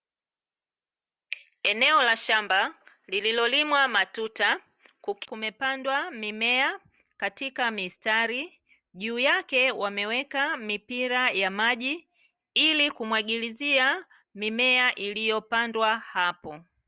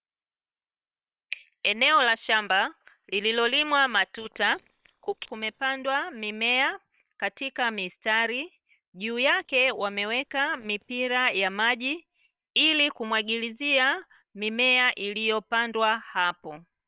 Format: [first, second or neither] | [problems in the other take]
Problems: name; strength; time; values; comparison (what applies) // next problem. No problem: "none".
first | noise reduction (neural separator model SepFormer WHAM!)